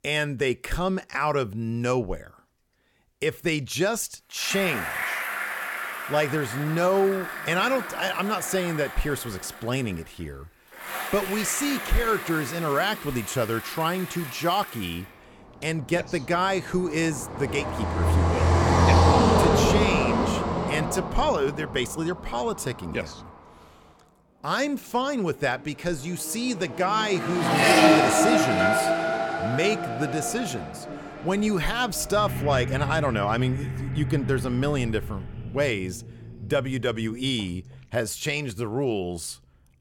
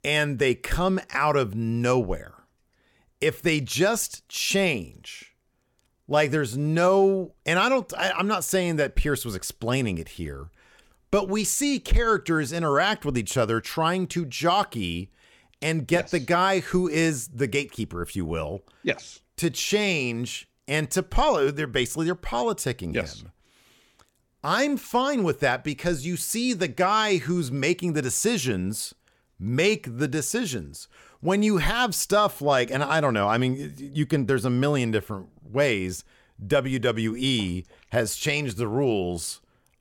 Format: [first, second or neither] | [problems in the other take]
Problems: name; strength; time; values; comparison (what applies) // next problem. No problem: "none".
second | traffic noise; very loud; throughout; 1 dB above the speech